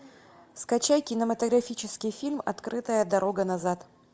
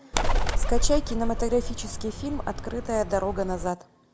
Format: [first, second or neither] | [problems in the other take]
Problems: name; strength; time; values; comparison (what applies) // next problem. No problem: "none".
first | background sound (Bird); 3 dB above the speech